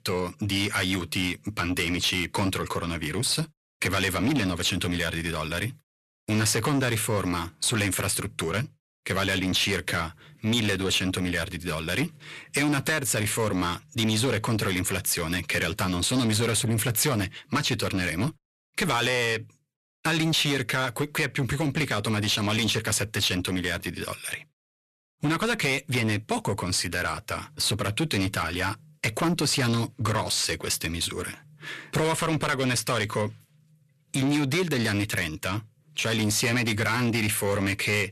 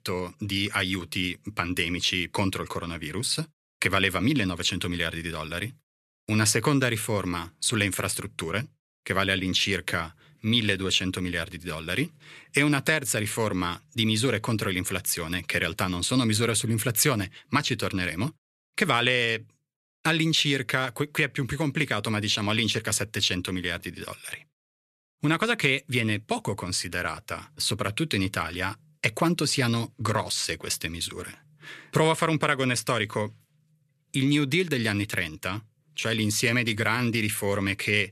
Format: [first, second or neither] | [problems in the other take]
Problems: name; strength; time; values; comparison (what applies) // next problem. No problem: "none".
second | distortion; heavy; 7 dB below the speech